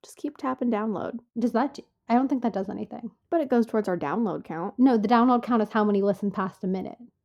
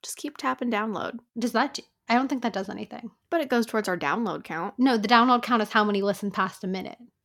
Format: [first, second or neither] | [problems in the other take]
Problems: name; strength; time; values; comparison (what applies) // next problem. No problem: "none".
second | muffled; slightly; fading above 1 kHz